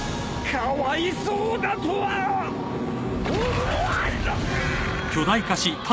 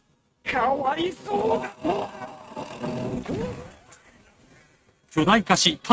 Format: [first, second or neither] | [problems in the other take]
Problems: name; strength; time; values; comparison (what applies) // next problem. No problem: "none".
first | noise reduction (neural mask model RNNoise)